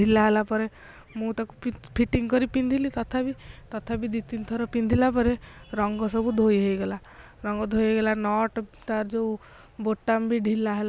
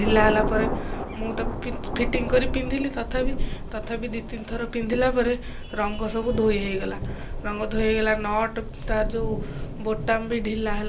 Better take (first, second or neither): first